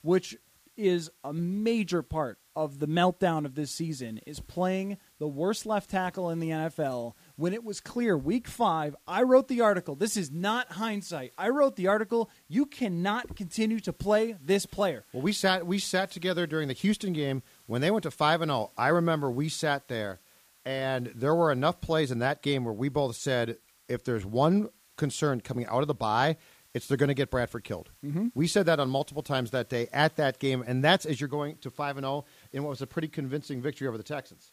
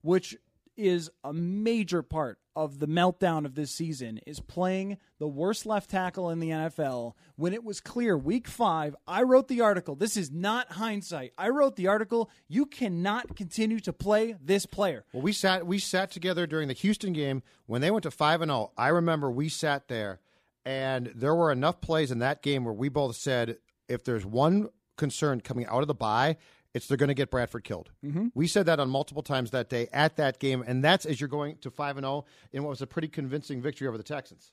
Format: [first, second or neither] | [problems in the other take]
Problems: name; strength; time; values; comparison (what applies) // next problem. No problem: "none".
second | hiss; faint; throughout; 30 dB below the speech